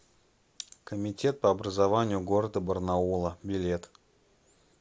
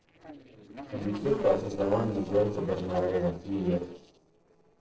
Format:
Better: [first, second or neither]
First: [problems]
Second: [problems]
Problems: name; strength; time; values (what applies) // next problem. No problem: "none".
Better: first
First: none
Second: noise reduction (neural separator model SepFormer DNS4)